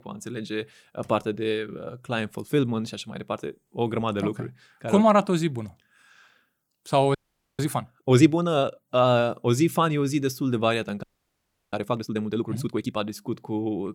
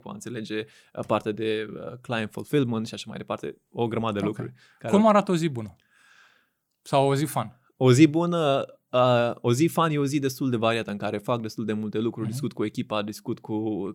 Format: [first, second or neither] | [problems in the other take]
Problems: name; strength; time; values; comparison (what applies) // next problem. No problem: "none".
second | audio freezing; at 7 s and at 11 s for 0.5 s